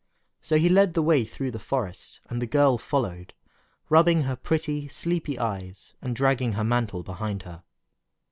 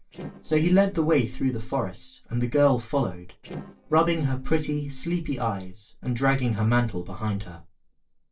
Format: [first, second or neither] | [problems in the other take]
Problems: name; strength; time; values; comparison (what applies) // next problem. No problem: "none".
first | noise reduction (neural separator model SepFormer DNS4)